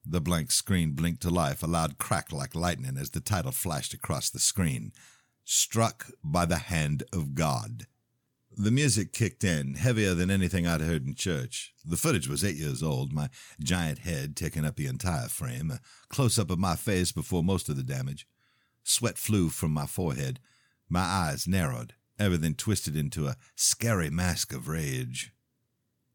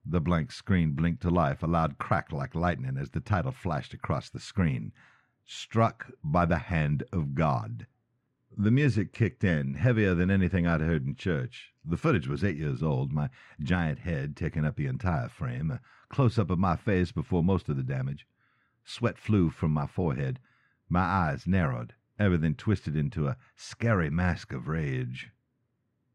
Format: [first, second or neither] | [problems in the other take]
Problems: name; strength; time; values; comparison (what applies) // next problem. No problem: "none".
first | muffled; very; fading above 1.5 kHz